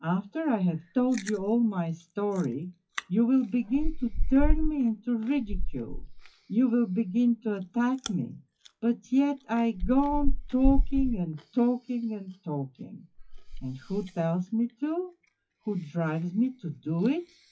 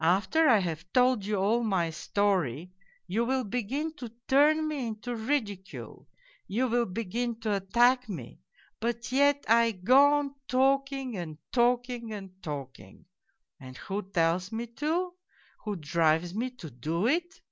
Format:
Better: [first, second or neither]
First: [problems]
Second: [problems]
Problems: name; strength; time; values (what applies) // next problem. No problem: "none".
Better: second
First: noise reduction (classical method WPE with log-MMSE)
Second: none